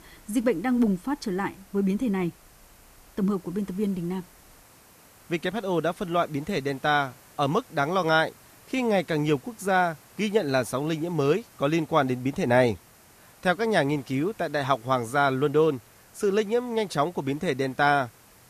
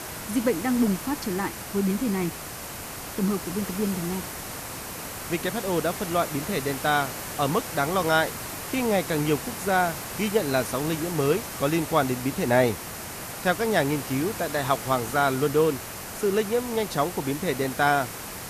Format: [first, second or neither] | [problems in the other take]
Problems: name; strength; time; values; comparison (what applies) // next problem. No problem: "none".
first | hiss; loud; throughout; 8 dB below the speech; faint in the first